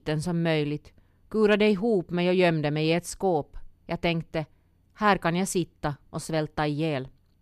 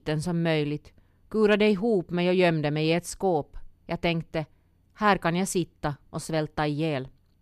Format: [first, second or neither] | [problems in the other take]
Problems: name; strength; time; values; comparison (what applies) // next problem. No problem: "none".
neither | none